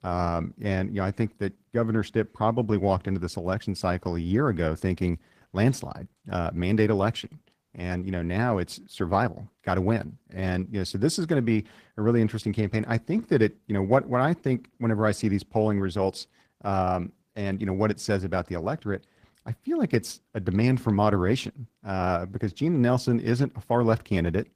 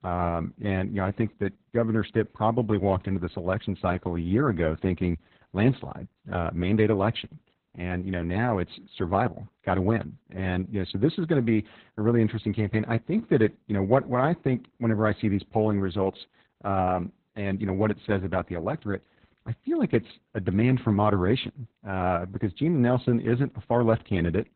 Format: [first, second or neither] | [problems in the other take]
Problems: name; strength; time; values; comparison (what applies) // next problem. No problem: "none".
first | garbled, watery; badly; nothing above 4 kHz; slightly in the first